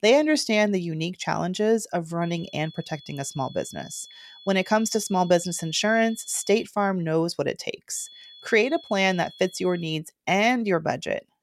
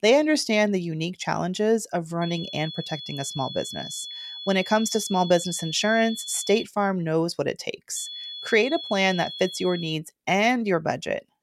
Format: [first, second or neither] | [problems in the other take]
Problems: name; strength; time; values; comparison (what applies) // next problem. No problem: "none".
first | high-pitched whine; loud; from 2 to 6.5 s and from 8 to 10 s; 3.5 kHz, 10 dB below the speech; faint in the first